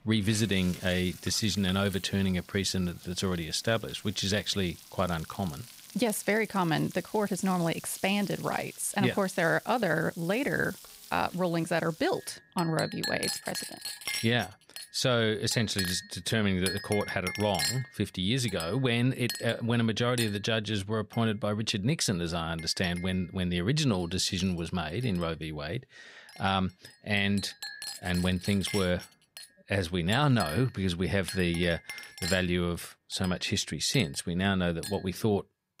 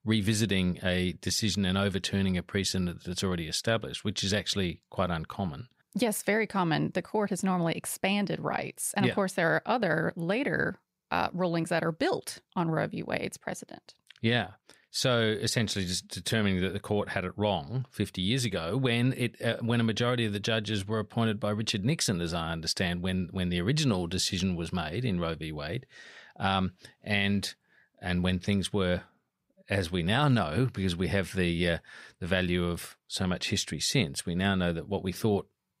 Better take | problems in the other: second | household noises; noticeable; throughout; 10 dB below the speech

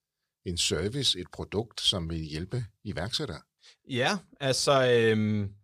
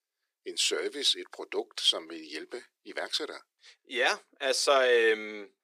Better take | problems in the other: first | thin; very; fading below 300 Hz

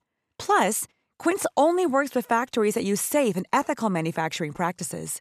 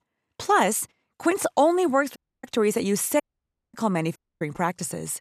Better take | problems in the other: first | audio cutting out; at 2 s, at 3 s for 0.5 s and at 4 s

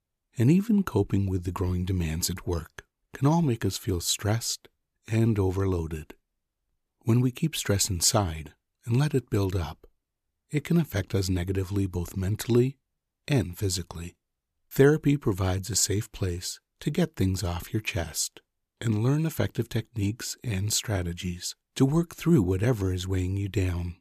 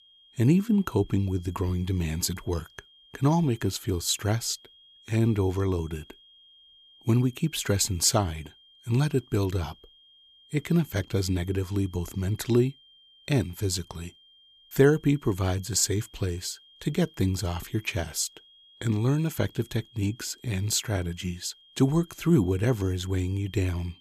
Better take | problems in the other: first | high-pitched whine; faint; throughout; 3 kHz, 25 dB below the speech

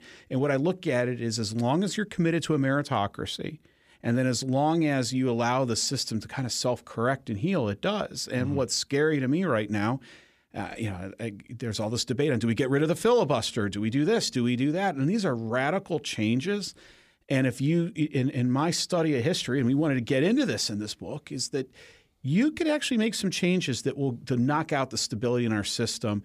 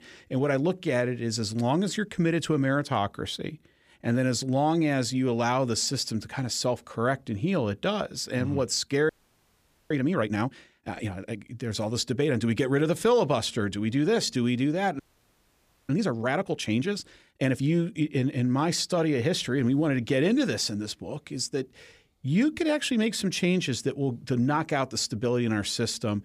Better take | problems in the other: first | audio freezing; at 9 s for 1 s and at 15 s for 1 s

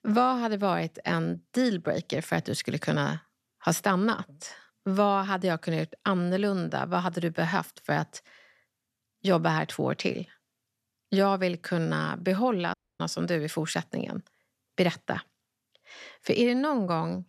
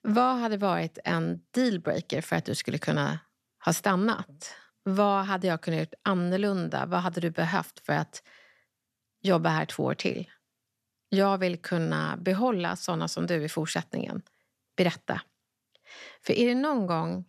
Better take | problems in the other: second | audio cutting out; at 13 s

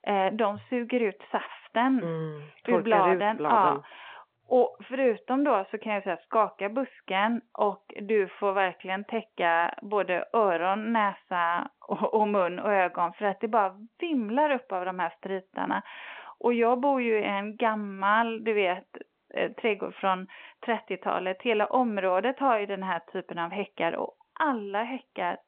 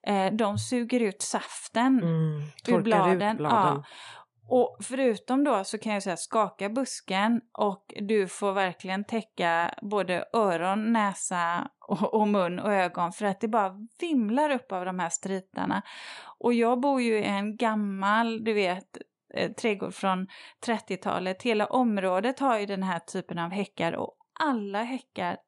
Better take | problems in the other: second | phone-call audio

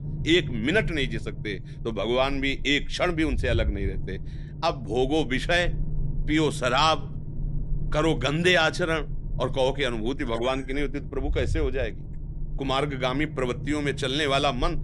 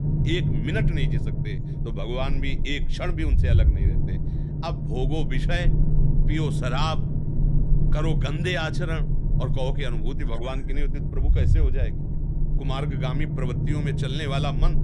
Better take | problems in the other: first | low rumble; loud; throughout; 6 dB below the speech; faint in the first

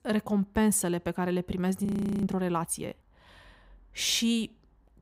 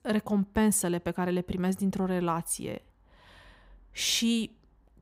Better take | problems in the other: second | audio freezing; at 2 s

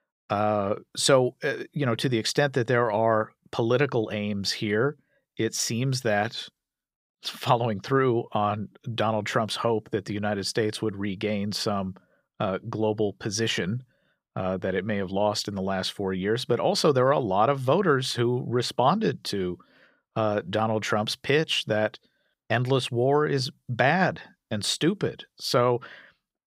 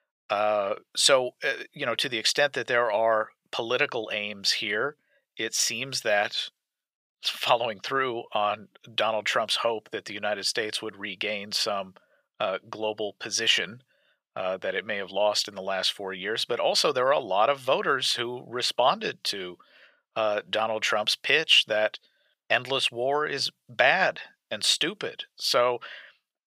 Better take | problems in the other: first | thin; somewhat; fading below 1 kHz

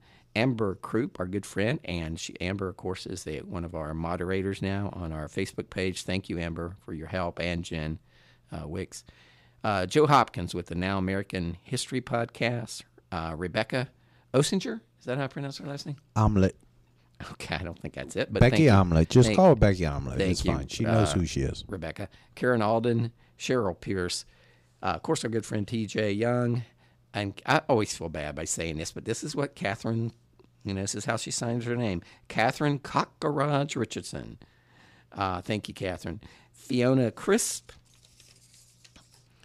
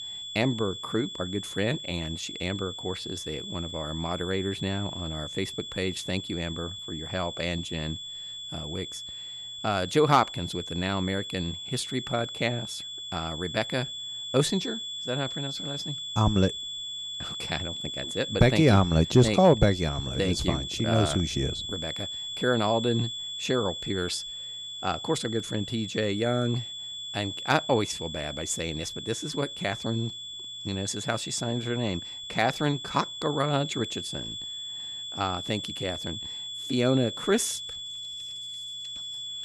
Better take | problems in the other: first | high-pitched whine; loud; throughout; 3.5 kHz, 6 dB below the speech

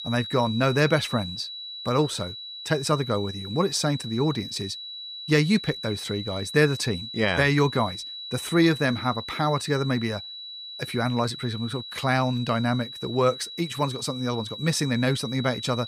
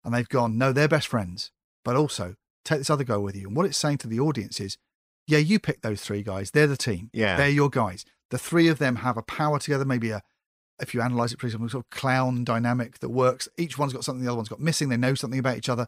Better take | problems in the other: second | high-pitched whine; loud; throughout; 4 kHz, 10 dB below the speech

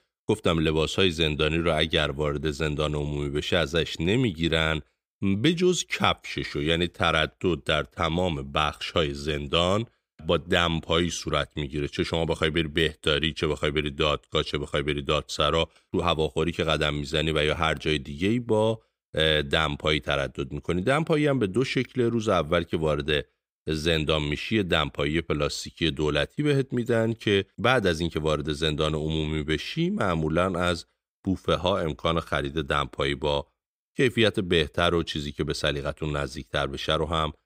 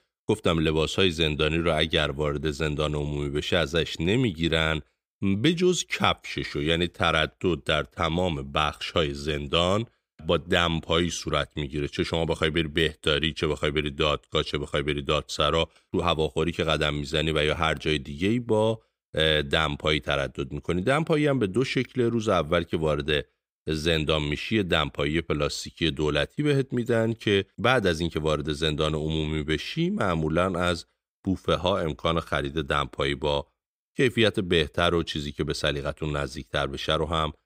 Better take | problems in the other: neither | none

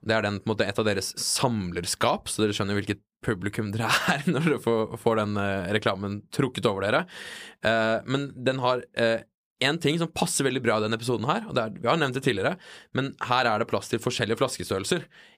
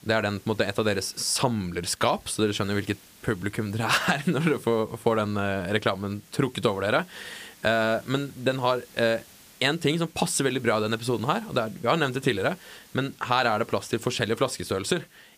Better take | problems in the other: first | hiss; faint; throughout; 25 dB below the speech

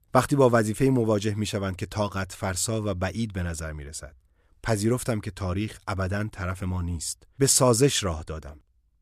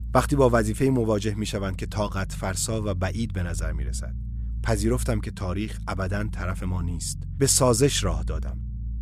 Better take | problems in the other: first | low rumble; faint; throughout; 20 dB below the speech

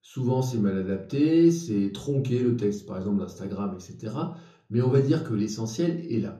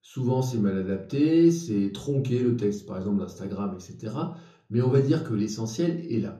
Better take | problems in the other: neither | room echo; slight; dies away in 0.6 s; the same in both // off-mic speech; somewhat distant; the same in both

